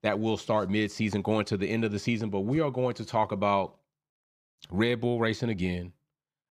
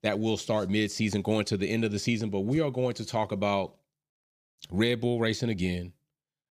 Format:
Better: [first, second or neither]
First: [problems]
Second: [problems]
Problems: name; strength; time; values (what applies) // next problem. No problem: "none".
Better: second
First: muffled; very slightly; fading above 4 kHz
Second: none